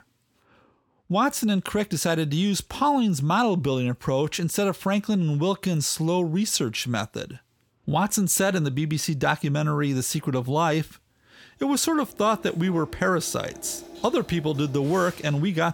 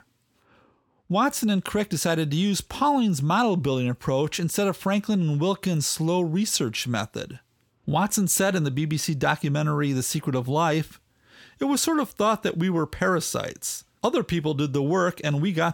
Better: second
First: household noises; faint; from 12 s on; 20 dB below the speech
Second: none

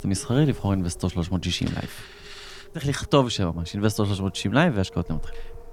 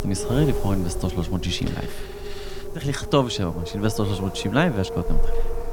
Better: first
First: wind noise on the microphone; occasional gusts; 20 dB below the speech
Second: wind noise on the microphone; heavy; 7 dB below the speech

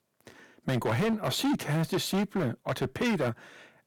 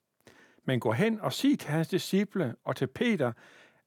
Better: second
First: distortion; heavy; 16% of the sound clipped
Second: none

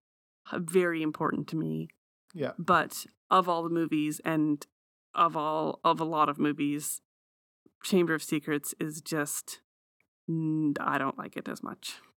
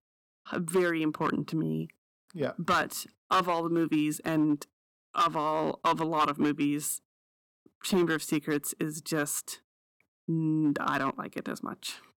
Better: first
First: none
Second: distortion; slight; 3% of the sound clipped

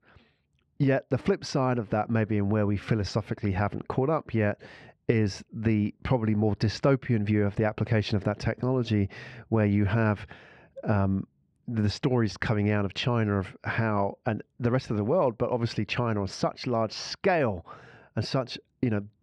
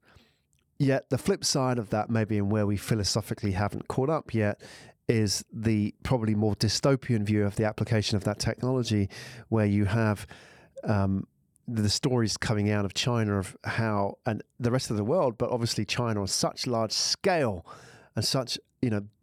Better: second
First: muffled; slightly; fading above 2.5 kHz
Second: none

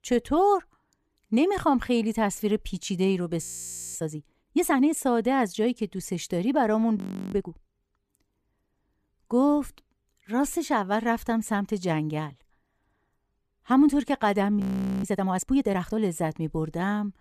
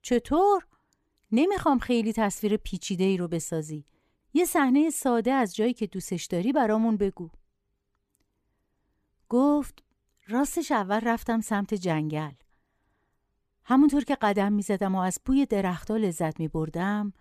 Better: second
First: audio freezing; at 3.5 s for 0.5 s, at 7 s and at 15 s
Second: none

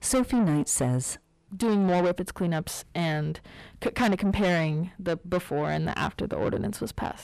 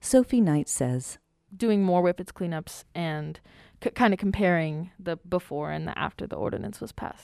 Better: second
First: distortion; heavy; 7 dB below the speech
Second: none

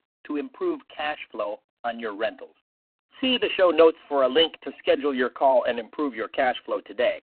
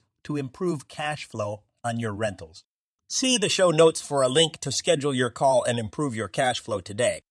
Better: second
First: phone-call audio; poor line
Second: none

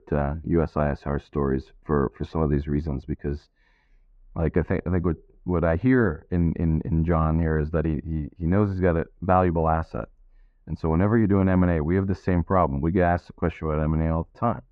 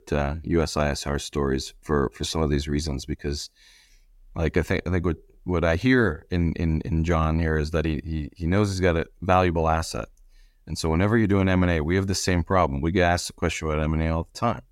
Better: second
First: muffled; very; fading above 1 kHz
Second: none

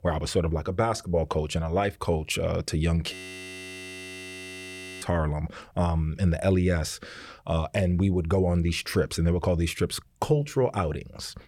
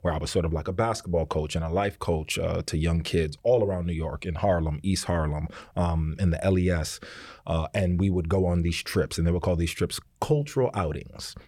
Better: second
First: audio freezing; at 3 s for 2 s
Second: none

